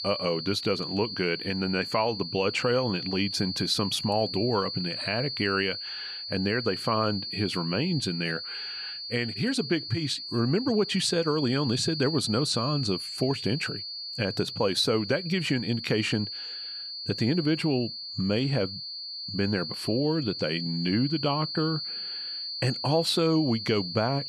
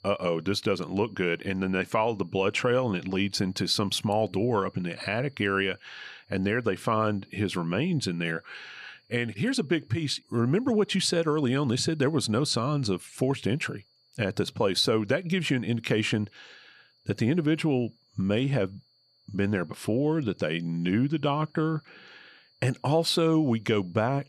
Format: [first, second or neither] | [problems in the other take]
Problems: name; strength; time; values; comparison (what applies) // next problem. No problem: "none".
second | high-pitched whine; loud; throughout; 4.5 kHz, 6 dB below the speech; faint in the second